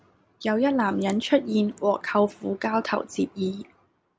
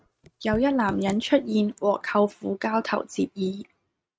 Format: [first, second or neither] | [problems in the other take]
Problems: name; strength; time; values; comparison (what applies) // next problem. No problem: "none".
first | noise reduction (neural mask model RNNoise)